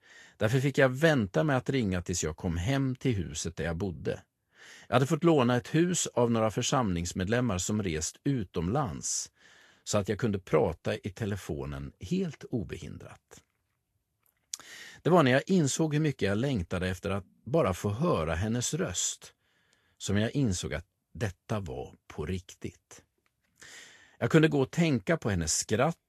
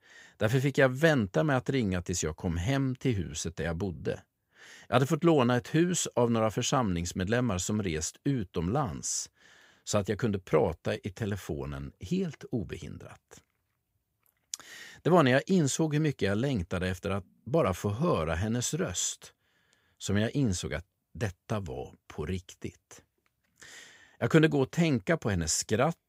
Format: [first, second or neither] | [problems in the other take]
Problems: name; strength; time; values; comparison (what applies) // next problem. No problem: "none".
second | garbled, watery; slightly; nothing above 12.5 kHz